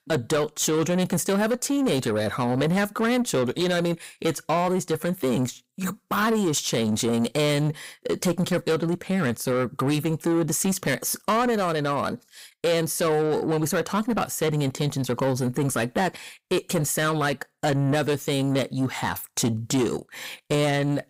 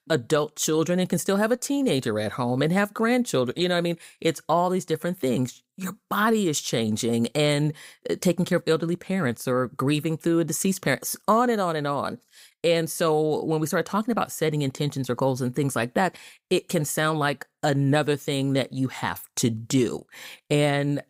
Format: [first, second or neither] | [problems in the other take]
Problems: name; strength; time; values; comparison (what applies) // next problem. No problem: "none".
second | distortion; slight; 10 dB below the speech